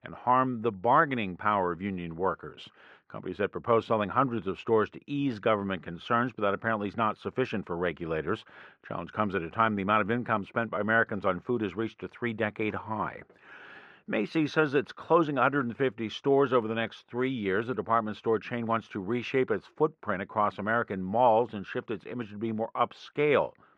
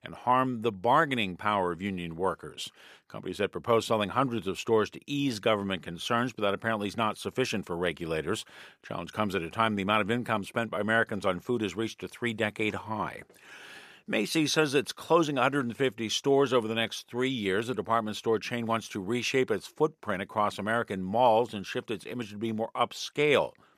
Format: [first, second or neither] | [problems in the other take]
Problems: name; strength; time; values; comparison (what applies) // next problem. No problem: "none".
second | muffled; very; fading above 2 kHz